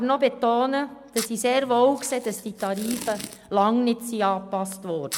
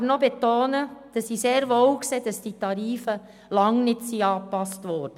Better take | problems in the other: second | background sound (Packing tape, duct tape); 16 dB below the speech

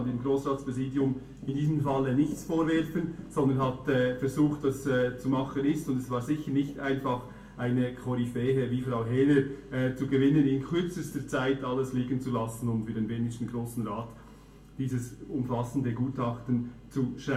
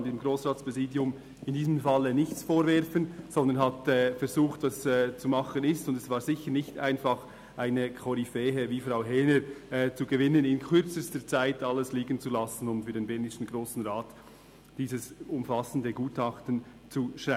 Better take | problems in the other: second | room echo; dies away in 0.3 s

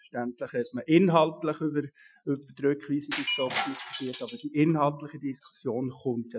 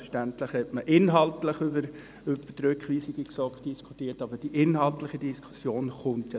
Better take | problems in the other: second | noise reduction (classical method Wiener filter)

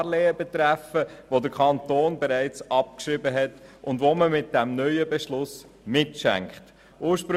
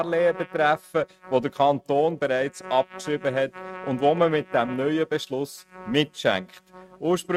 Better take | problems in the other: first | noise reduction (neural mask model RNNoise)

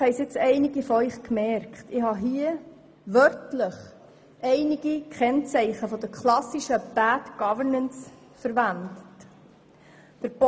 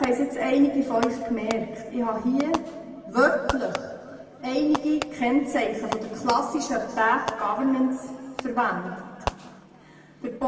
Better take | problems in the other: first | background sound (Fireworks); 12 dB below the speech // room echo; dies away in 1.8 s

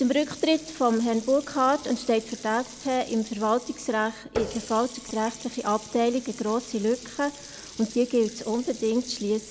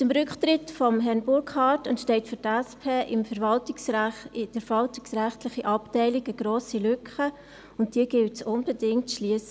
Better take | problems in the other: second | background sound (Water tap, faucet); 15 dB below the speech

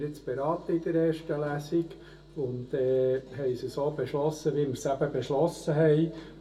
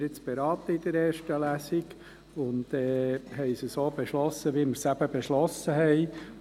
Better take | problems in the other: second | room echo; dies away in 0.2 s

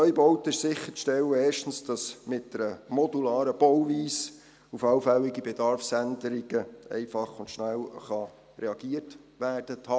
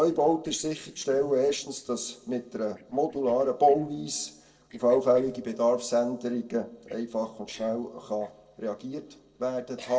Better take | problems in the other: first | noise reduction (neural separator model SepFormer DNS4)

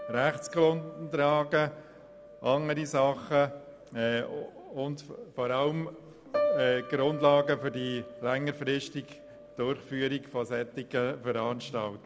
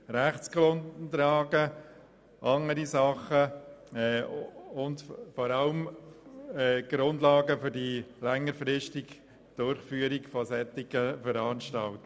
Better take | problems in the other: second | background sound (Piano); 11 dB below the speech

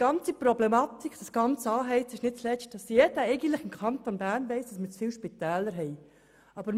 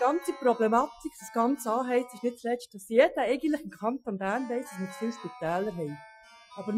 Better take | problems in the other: first | noise reduction (classical method Wiener filter)

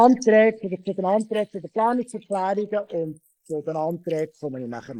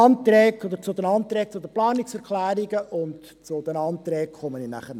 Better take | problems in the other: second | noise reduction (neural mask model Resemble Enhance denoiser)

